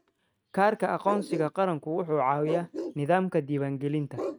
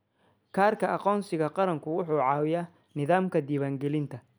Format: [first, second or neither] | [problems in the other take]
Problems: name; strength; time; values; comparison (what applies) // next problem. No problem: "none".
second | noise reduction (neural mask model RNNoise)